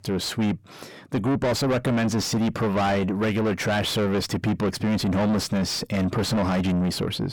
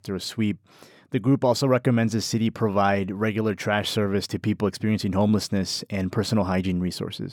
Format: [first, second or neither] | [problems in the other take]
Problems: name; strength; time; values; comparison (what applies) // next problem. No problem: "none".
second | distortion; heavy; 6 dB below the speech